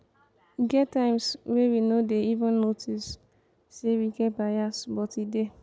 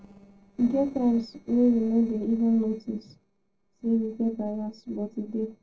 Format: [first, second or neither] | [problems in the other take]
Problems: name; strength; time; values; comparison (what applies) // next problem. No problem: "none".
first | noise reduction (neural separator model SepFormer DNS4)